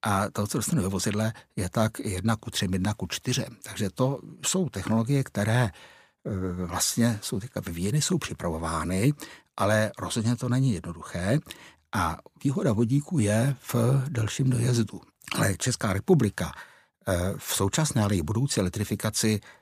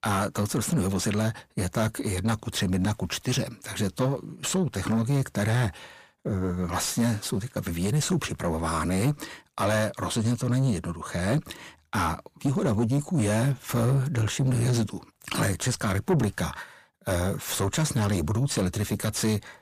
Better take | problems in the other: first | distortion; slight; 10 dB below the speech

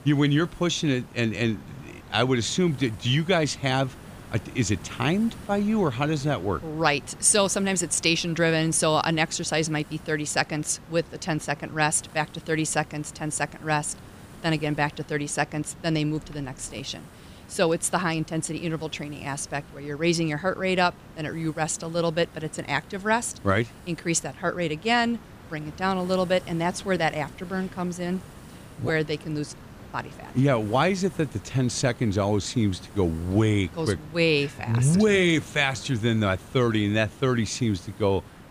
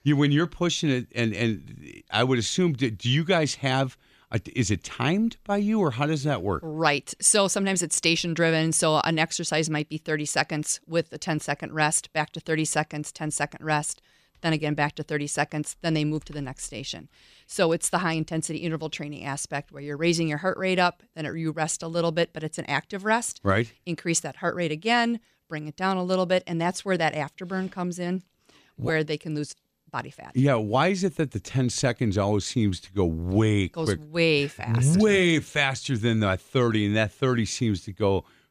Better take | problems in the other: second | hiss; noticeable; throughout; 20 dB below the speech

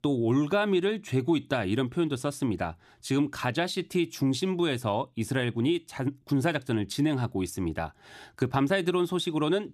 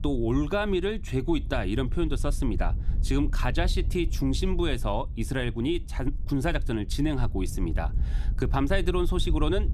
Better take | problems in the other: first | wind noise on the microphone; occasional gusts; 20 dB below the speech

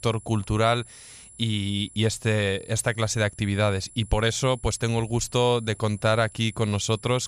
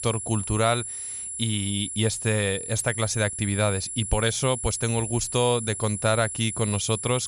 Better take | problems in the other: first | high-pitched whine; loud; throughout; 10.5 kHz, 6 dB below the speech; faint in the first

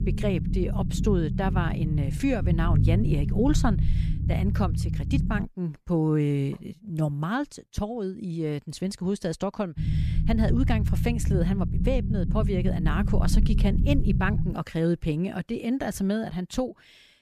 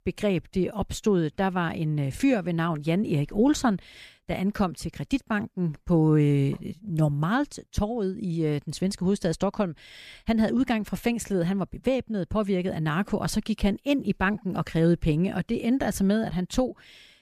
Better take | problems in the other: second | low rumble; loud; until 5.5 s and from 10 to 15 s; 7 dB below the speech

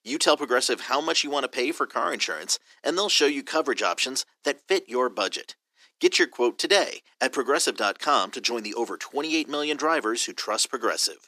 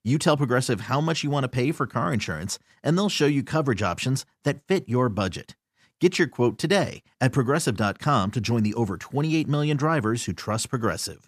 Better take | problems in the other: second | thin; very; fading below 300 Hz

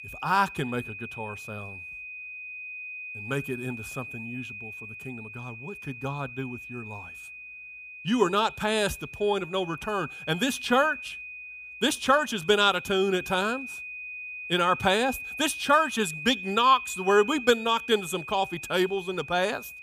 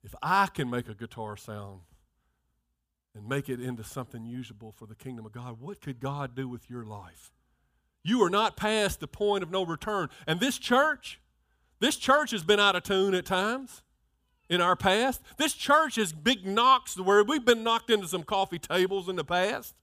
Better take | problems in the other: second | high-pitched whine; noticeable; throughout; 2.5 kHz, 10 dB below the speech

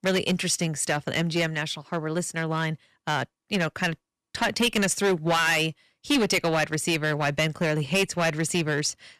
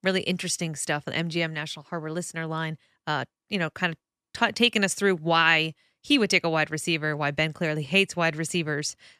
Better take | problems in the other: second | distortion; heavy; 9% of the sound clipped

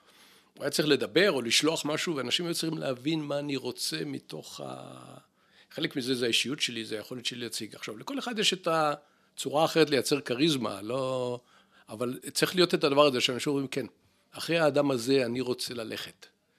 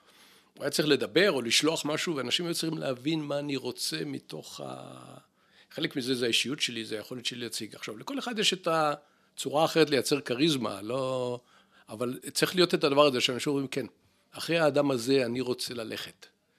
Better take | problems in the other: neither | none

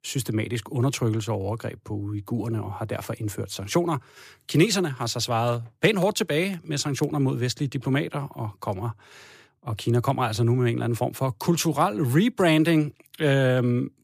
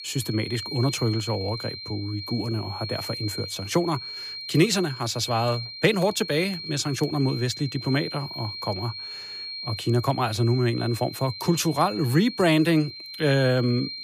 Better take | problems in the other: first | high-pitched whine; loud; throughout; 4 kHz, 9 dB below the speech

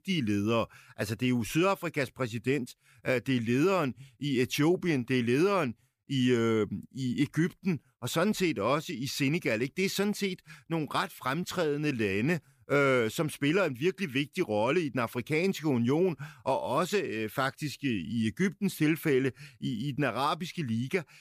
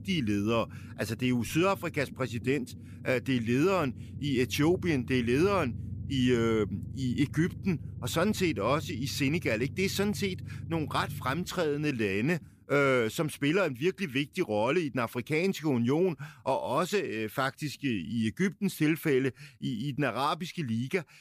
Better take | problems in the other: first | low rumble; faint; throughout; 20 dB below the speech

